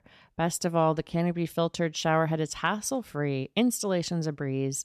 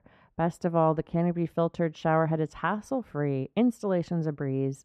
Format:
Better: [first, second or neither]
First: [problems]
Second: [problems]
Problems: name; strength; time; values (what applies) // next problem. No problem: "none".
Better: first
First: none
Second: muffled; very; fading above 2.5 kHz